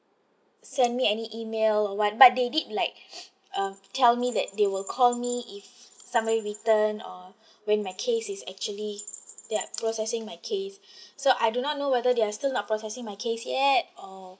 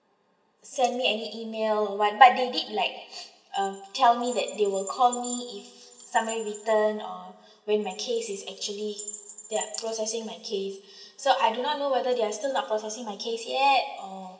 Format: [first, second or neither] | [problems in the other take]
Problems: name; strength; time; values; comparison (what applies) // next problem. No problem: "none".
first | room echo; dies away in 0.9 s